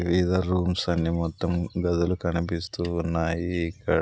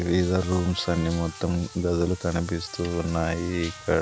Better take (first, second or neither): first